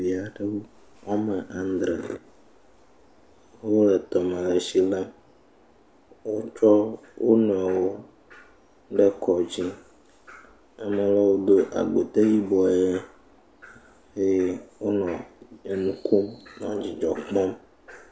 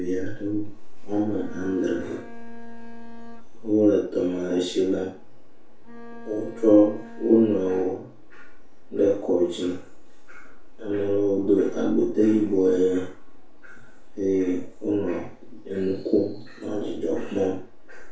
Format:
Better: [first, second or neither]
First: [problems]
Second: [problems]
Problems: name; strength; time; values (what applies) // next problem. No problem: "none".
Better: first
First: none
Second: background sound (Bowed string instrument); 20 dB below the speech // room echo; dies away in 0.3 s